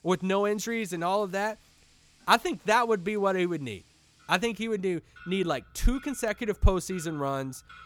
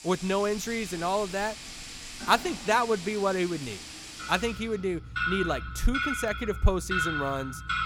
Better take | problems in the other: first | household noises; loud; throughout; 6 dB below the speech; faint in the first

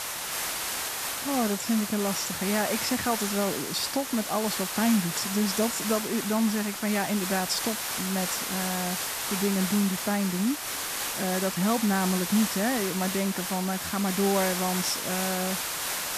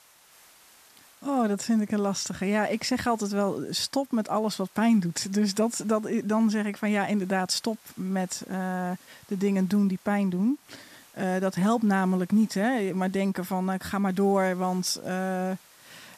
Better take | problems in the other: second | hiss; loud; throughout; 2 dB below the speech; faint in the second

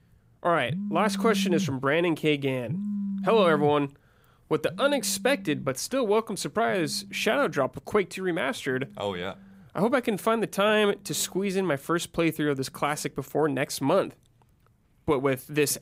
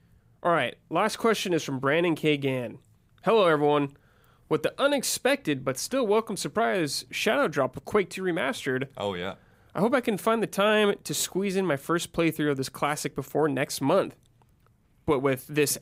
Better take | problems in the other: second | alarms or sirens; loud; throughout; 8 dB below the speech

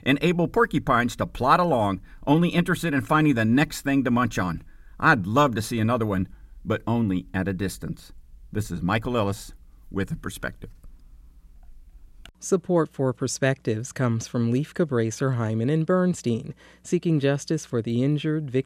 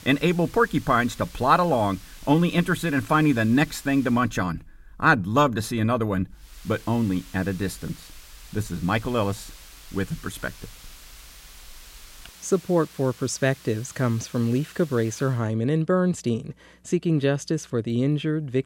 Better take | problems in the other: first | hiss; faint; until 4 s and from 6.5 to 15 s; 20 dB below the speech

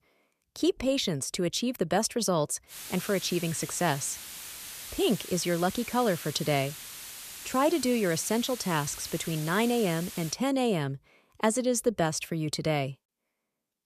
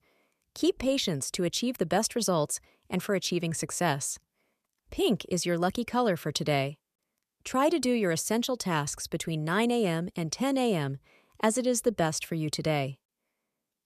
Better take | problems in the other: second | hiss; noticeable; from 2.5 to 10 s; 10 dB below the speech

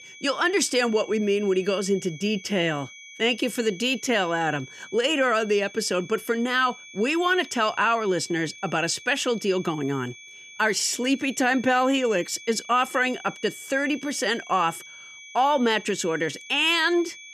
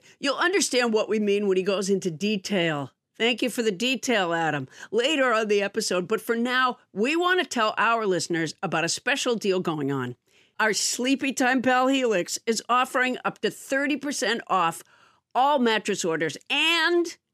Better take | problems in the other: second | high-pitched whine; noticeable; throughout; 2.5 kHz, 20 dB below the speech

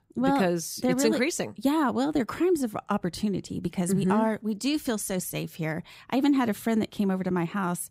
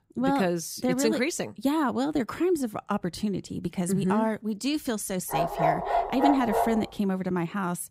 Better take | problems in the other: first | dog barking; loud; from 5.5 to 7 s; peak 3 dB above the speech

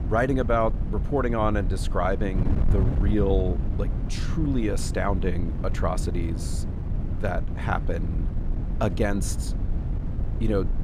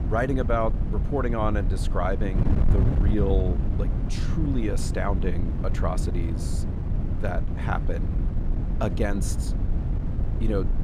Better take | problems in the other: first | wind noise on the microphone; heavy; 8 dB below the speech; occasional gusts in the first

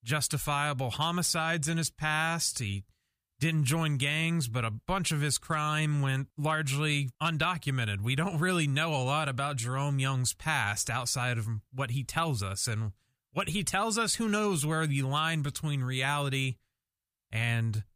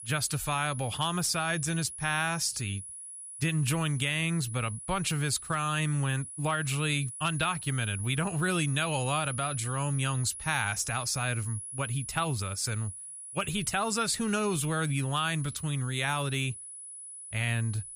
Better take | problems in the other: first | high-pitched whine; loud; throughout; 10.5 kHz, 9 dB below the speech

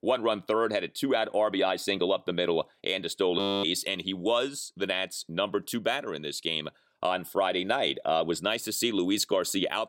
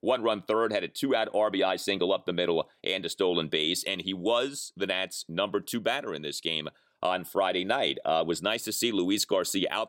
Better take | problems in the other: second | audio freezing; at 3.5 s

